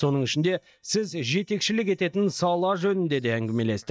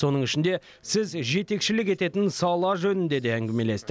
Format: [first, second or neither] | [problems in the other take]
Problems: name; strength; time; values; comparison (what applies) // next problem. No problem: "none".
second | noise reduction (neural mask model DeepFilterNet 3)